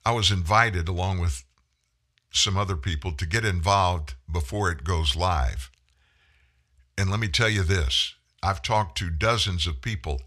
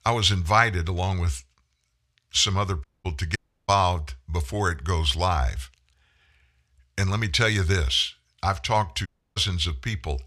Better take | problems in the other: first | audio cutting out; at 3 s, at 3.5 s and at 9 s

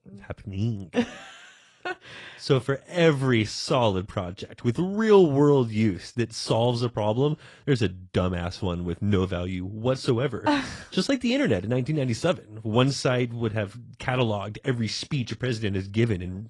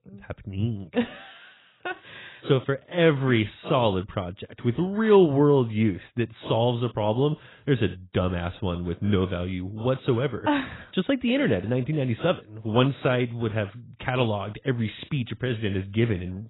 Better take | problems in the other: first | garbled, watery; badly; nothing above 4 kHz; slightly in the first

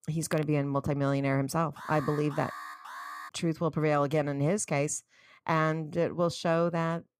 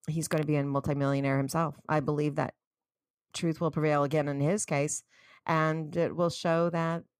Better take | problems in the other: second | alarm; faint; from 2 to 3.5 s; peak 10 dB below the speech

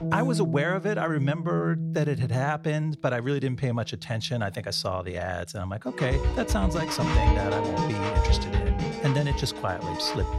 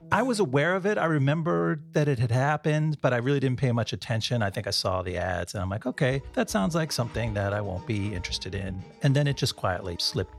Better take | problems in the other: second | background music; loud; throughout; as loud as the speech; faint in the second

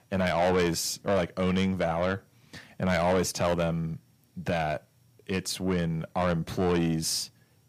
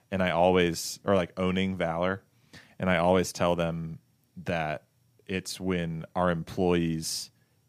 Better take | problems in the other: second | distortion; heavy; 8 dB below the speech

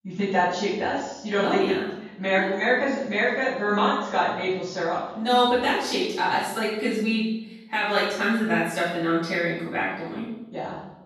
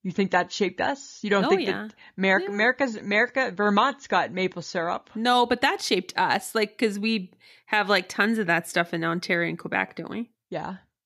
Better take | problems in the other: second | off-mic speech; far // room echo; strong; dies away in 0.7 s

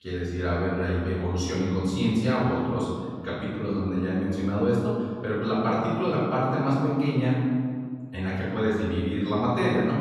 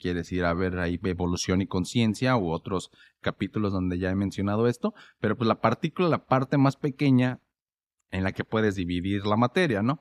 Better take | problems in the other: second | off-mic speech; far // room echo; strong; dies away in 1.9 s

